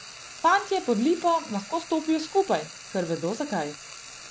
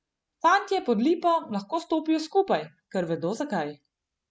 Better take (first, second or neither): second